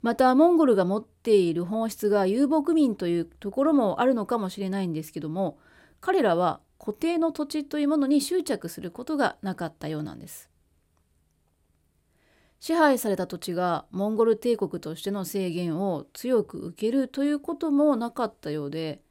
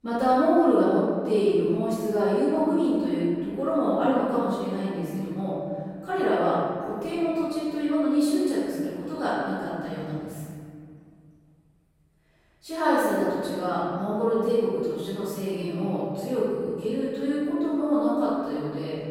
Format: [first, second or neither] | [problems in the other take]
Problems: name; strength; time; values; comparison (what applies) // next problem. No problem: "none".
first | room echo; strong; dies away in 2.1 s // off-mic speech; far